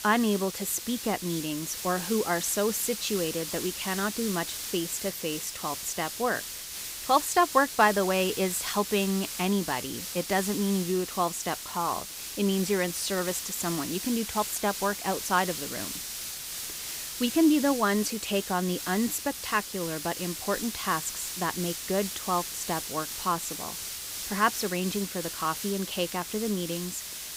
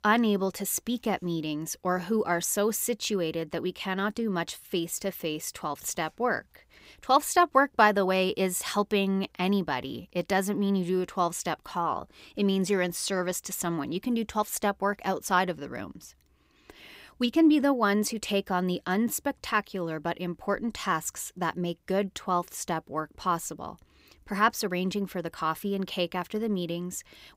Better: second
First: hiss; loud; throughout; 6 dB below the speech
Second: none

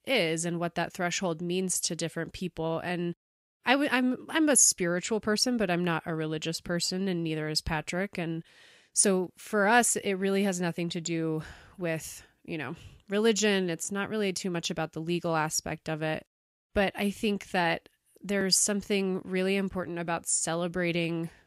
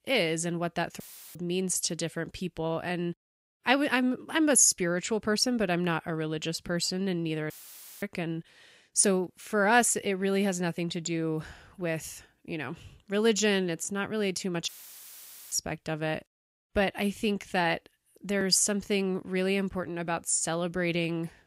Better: first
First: none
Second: audio cutting out; filled with static; at 1 s, at 7.5 s for 0.5 s and at 15 s for 1 s

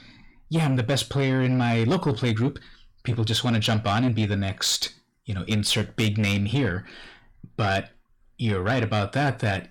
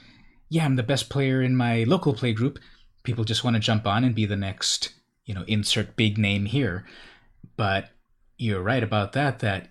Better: second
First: distortion; slight; 10 dB below the speech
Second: none

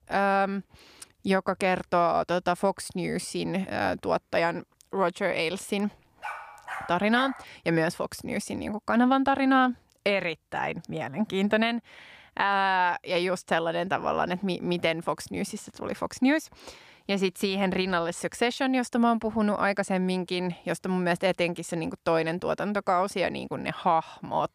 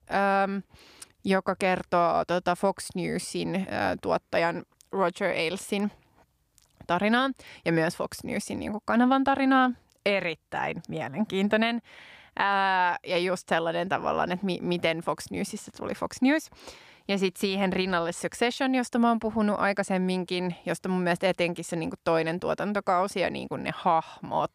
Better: second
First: dog barking; noticeable; from 6 to 7.5 s; peak 10 dB below the speech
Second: none

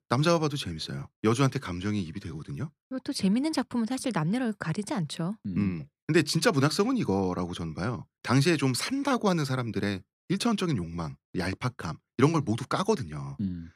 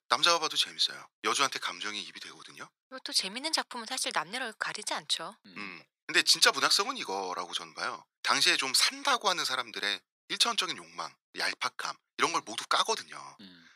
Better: first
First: none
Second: thin; very; fading below 950 Hz

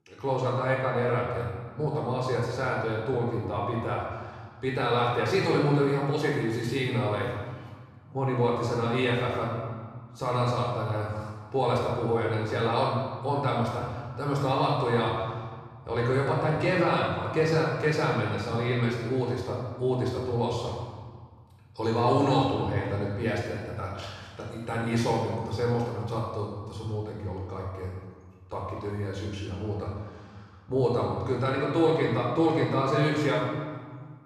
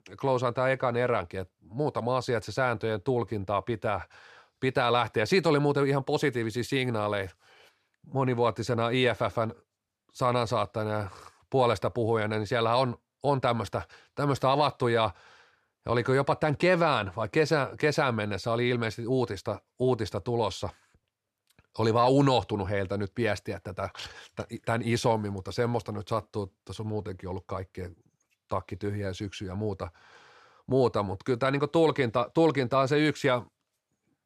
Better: second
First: room echo; strong; dies away in 1.5 s // off-mic speech; far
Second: none

